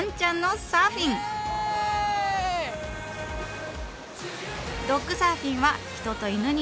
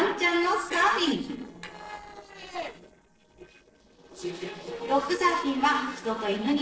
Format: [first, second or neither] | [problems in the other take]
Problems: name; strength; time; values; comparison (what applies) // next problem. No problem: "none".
first | noise reduction (neural separator model SepFormer DNS4)